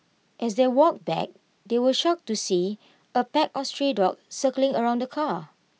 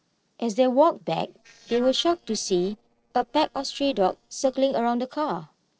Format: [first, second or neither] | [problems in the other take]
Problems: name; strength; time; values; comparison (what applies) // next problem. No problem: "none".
first | noise reduction (neural separator model SepFormer DNS4)